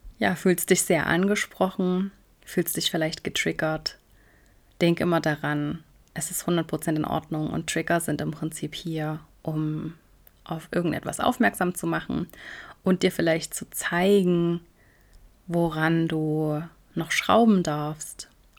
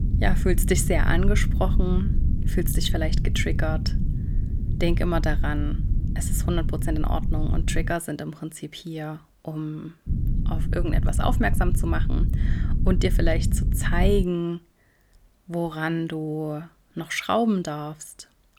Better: first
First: none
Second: low rumble; noticeable; until 8 s and from 10 to 14 s; 10 dB below the speech

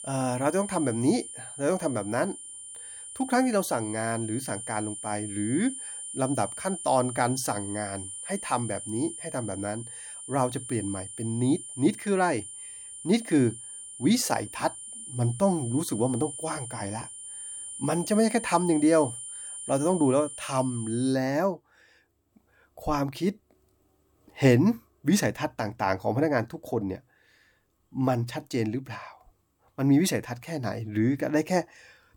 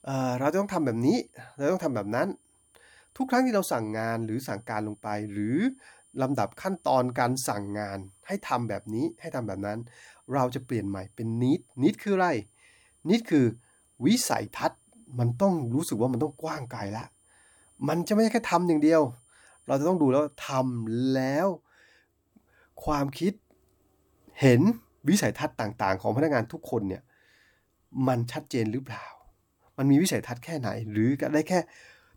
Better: second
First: high-pitched whine; loud; until 21 s; 9 kHz, 10 dB below the speech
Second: high-pitched whine; faint; until 21 s; 9 kHz, 35 dB below the speech

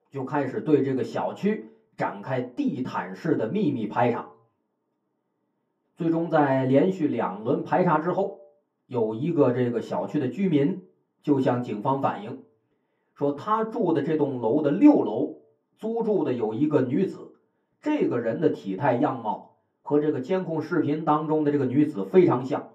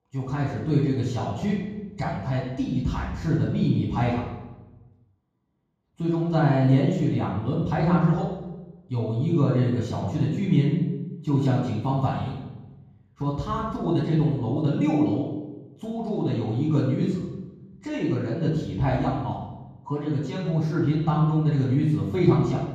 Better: first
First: room echo; slight; dies away in 0.4 s // off-mic speech; far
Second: room echo; strong; dies away in 1.3 s // off-mic speech; far

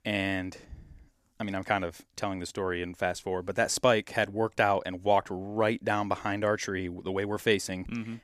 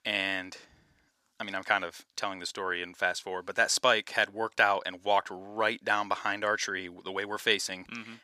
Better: first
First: none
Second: thin; somewhat; fading below 1 kHz

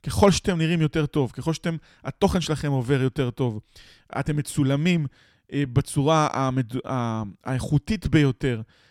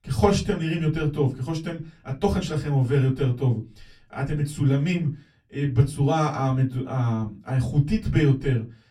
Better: first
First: none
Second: off-mic speech; far // room echo; very slight; dies away in 0.2 s

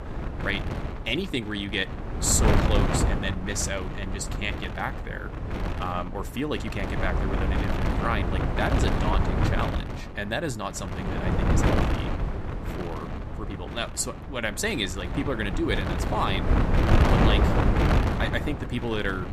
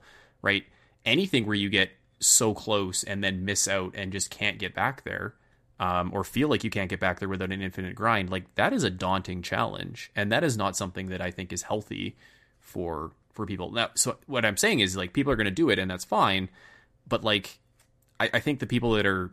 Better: second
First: wind noise on the microphone; heavy; 1 dB below the speech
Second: none

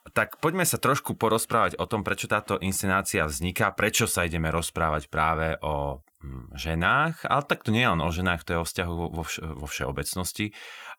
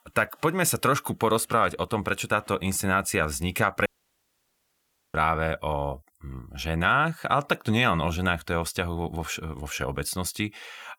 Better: first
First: none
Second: audio cutting out; at 4 s for 1.5 s

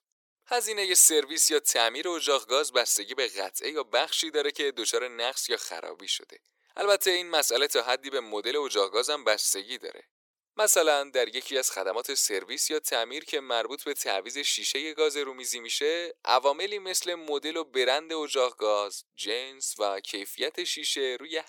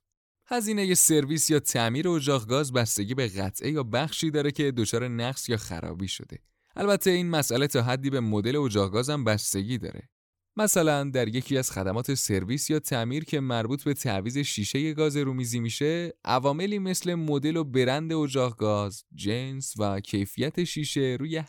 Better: second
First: thin; very; fading below 400 Hz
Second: none

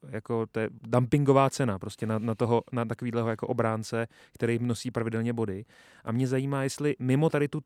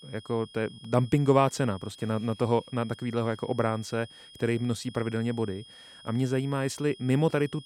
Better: first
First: none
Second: high-pitched whine; faint; throughout; 3.5 kHz, 20 dB below the speech

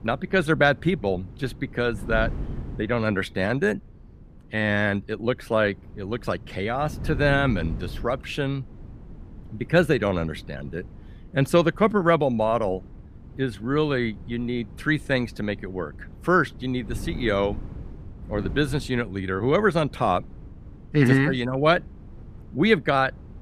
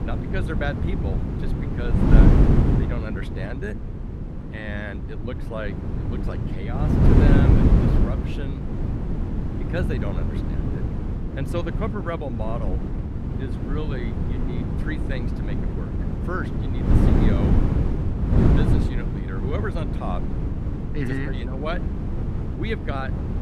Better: first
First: wind noise on the microphone; occasional gusts; 25 dB below the speech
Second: wind noise on the microphone; heavy; 1 dB above the speech

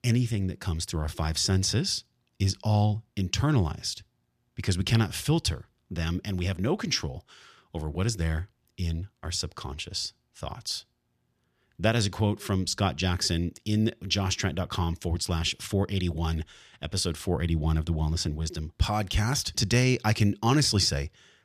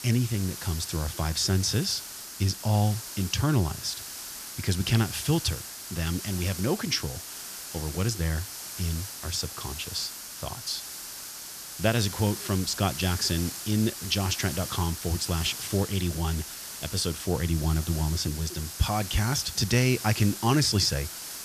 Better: first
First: none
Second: hiss; loud; throughout; 8 dB below the speech

